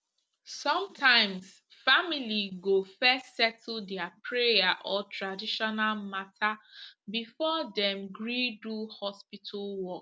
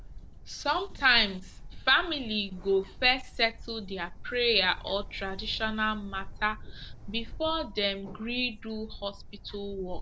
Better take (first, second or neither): first